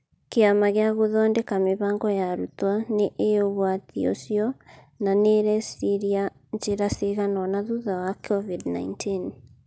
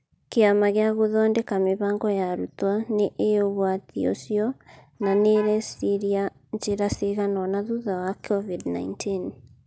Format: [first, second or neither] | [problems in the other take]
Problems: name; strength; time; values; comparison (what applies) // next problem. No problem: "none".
first | background sound (Alarm / Truck); 18 dB below the speech